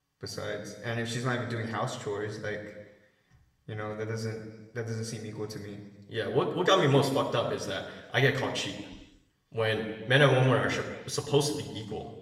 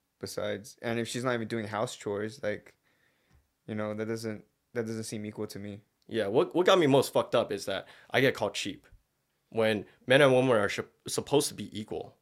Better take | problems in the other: second | room echo; slight; dies away in 1.1 s // off-mic speech; somewhat distant

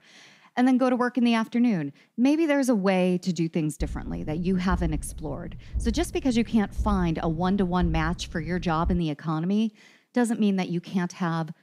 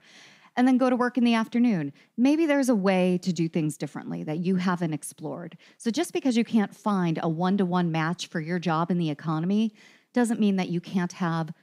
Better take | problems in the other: second | low rumble; faint; from 4 to 9 s; 25 dB below the speech

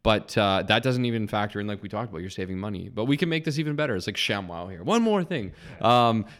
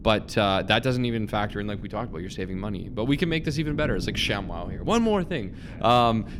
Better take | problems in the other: first | wind noise on the microphone; occasional gusts; 20 dB below the speech

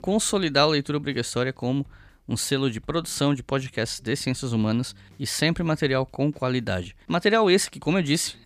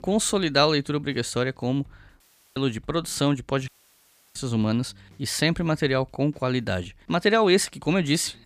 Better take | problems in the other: first | audio cutting out; at 2 s and at 3.5 s for 0.5 s

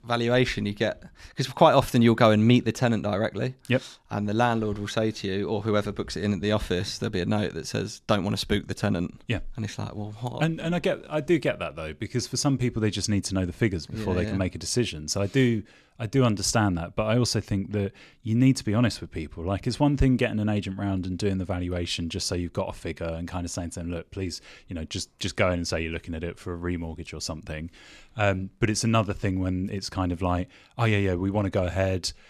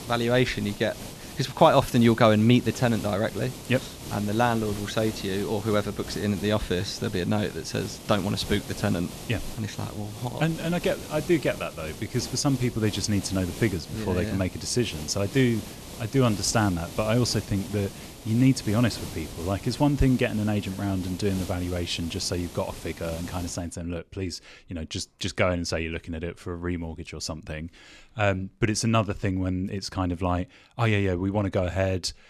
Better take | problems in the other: first | hiss; noticeable; until 24 s; 15 dB below the speech

